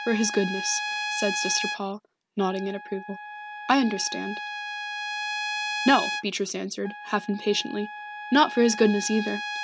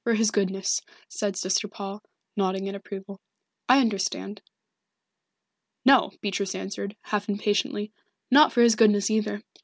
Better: second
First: background sound (Trumpet); 6 dB below the speech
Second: none

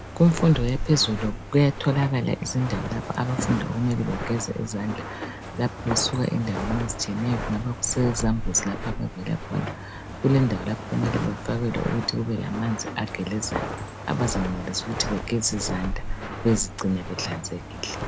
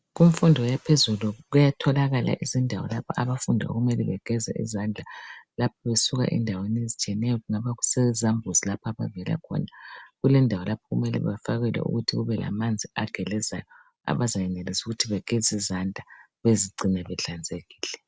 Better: second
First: background sound (Walk, footsteps); 7 dB below the speech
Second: none

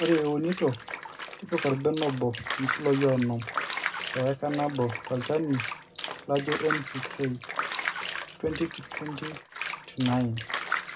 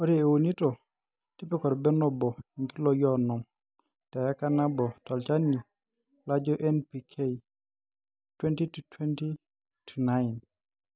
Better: second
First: background sound (Bathtub (filling or washing)); 6 dB below the speech // room echo; dies away in 0.2 s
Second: none

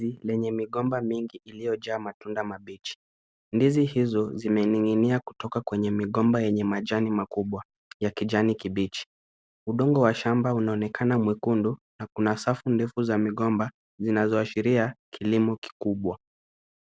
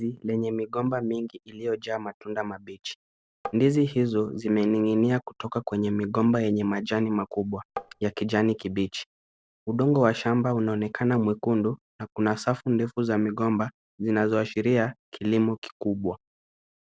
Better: first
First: none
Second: noise reduction (neural separator model SepFormer DNS4)

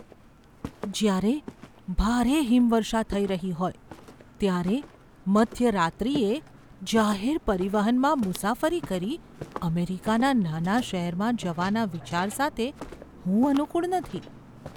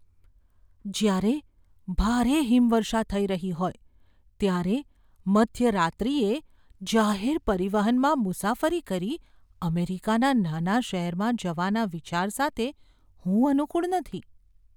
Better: second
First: background sound (Walk, footsteps); 18 dB below the speech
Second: none

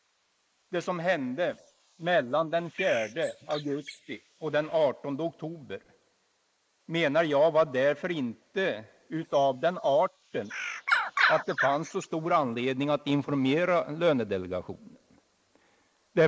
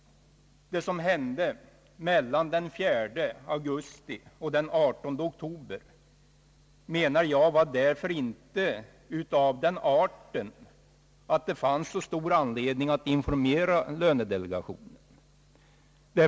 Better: second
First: noise reduction (neural mask model Resemble Enhance denoiser)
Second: none

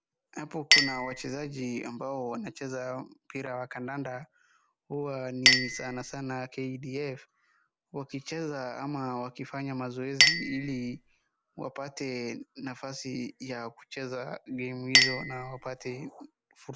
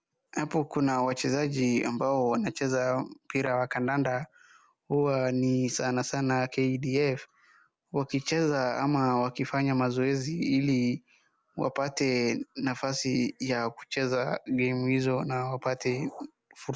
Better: second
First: background sound (Chink, clink); 3 dB above the speech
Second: none

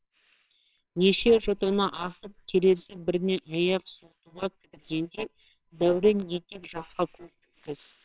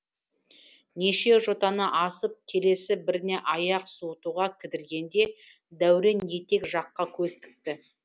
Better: second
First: noise reduction (neural separator model SepFormer WHAMR!)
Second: none

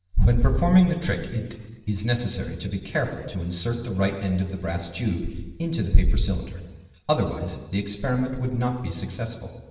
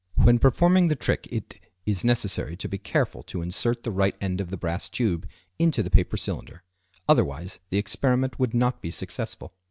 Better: second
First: room echo; dies away in 1.2 s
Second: none

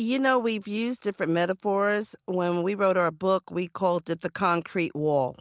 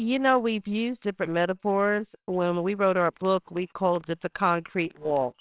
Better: first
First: none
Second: noise reduction (neural separator model SepFormer WHAMR!)

